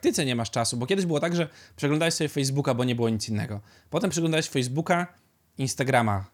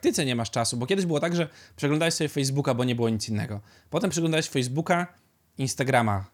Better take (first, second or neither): neither